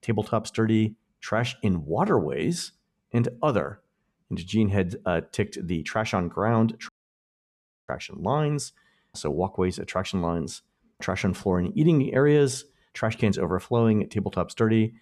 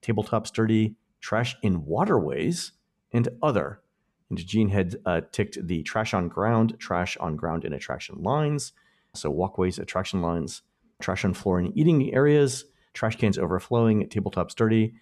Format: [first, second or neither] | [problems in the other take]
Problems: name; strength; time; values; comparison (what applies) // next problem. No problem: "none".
second | audio cutting out; at 7 s for 1 s